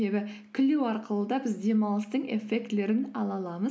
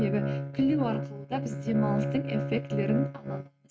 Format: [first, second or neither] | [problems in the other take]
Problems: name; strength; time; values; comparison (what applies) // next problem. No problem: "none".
first | noise reduction (neural mask model RNNoise)